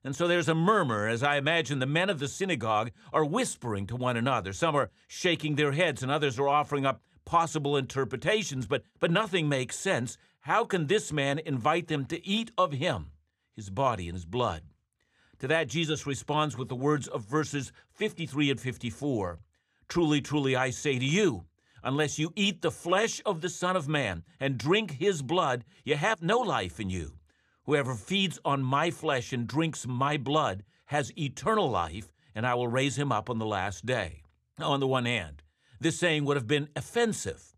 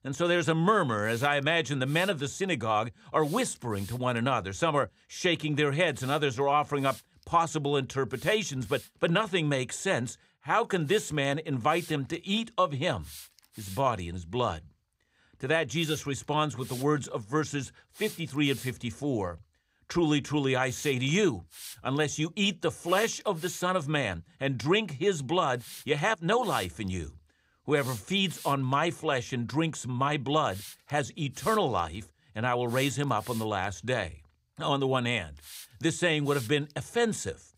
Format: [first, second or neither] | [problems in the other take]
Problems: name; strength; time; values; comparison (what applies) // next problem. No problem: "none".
first | hiss; noticeable; throughout; 15 dB below the speech